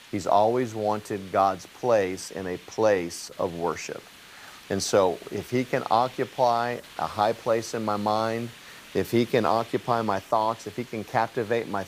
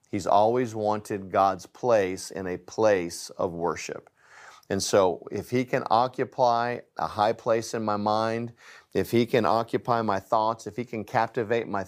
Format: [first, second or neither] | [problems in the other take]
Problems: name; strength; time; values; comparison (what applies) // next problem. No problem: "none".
second | hiss; noticeable; throughout; 20 dB below the speech